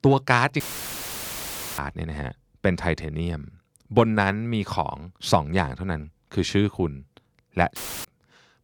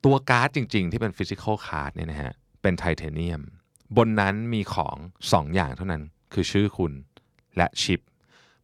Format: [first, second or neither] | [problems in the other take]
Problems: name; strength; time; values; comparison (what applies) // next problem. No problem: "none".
second | audio cutting out; filled with static; at 0.5 s for 1 s and at 8 s